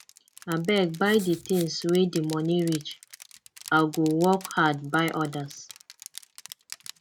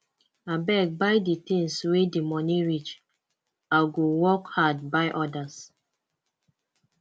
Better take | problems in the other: second | background sound (Crushing + Writing); 19 dB below the speech

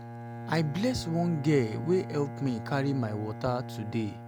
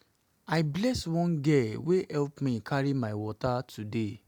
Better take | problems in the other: second | background sound (Bowed string instrument); 9 dB below the speech

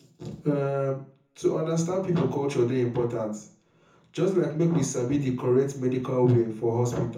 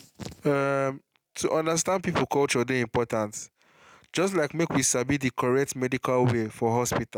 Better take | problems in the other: second | room echo; dies away in 0.5 s

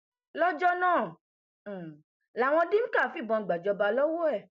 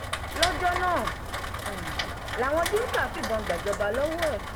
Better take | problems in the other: first | background sound (Rain); 2 dB below the speech

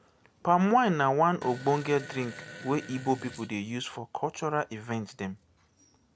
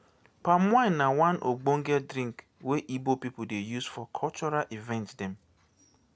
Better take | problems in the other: second | background sound (Fart); 17 dB below the speech

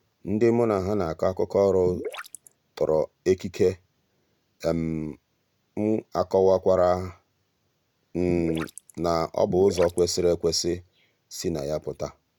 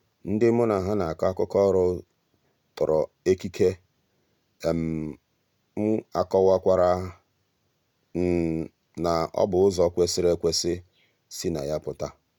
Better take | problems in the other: second | background sound (Gurgling / Liquid); 12 dB below the speech

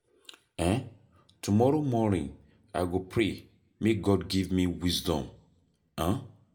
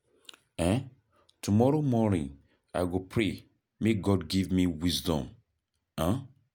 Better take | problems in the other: second | room echo; dies away in 0.3 s

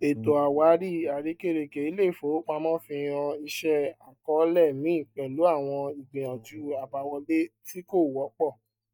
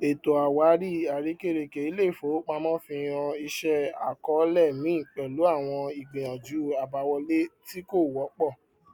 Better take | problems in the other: second | noise reduction (neural mask model DeepFilterNet 3)

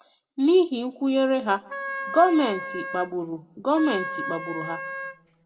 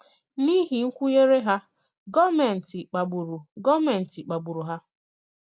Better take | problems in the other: second | background sound (Wind instrument, woodwind instrument); 9 dB below the speech // room echo; dies away in 0.5 s

